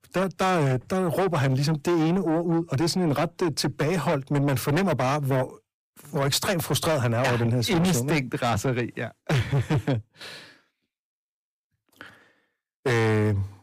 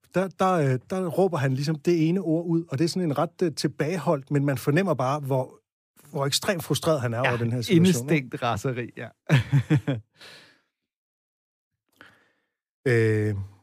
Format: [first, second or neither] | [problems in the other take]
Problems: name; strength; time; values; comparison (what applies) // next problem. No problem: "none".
second | distortion; heavy; 6 dB below the speech